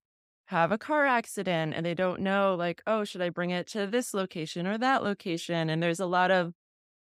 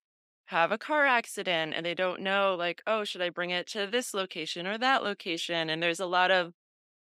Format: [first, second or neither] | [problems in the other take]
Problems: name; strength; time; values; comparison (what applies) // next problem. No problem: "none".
first | thin; somewhat; fading below 300 Hz